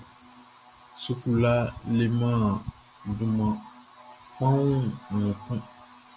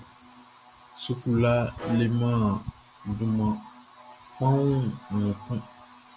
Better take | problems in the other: first | background sound (Bowed string instrument); 15 dB below the speech

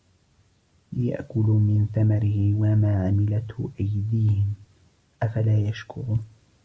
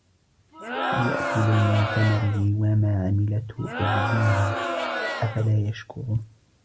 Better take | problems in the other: first | background sound (Crowd); 4 dB below the speech

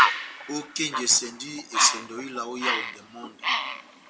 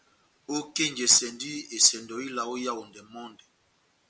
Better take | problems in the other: second | background sound (Bird); 1 dB above the speech

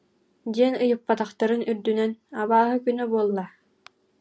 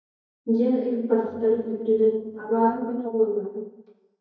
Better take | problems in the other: first | noise reduction (neural mask model DeepFilterNet 3)

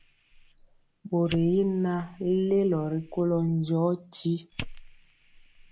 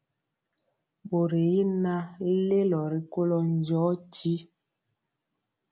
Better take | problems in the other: second | background sound (Fire); 17 dB below the speech

